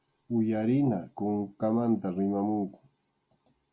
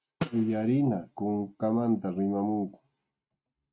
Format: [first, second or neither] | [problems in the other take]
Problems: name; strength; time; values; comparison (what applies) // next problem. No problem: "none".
first | noise reduction (neural mask model RNNoise)